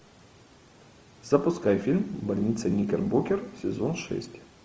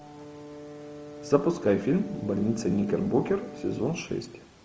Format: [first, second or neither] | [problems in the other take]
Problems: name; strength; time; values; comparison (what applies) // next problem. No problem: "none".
first | background sound (Brass instrument); 15 dB below the speech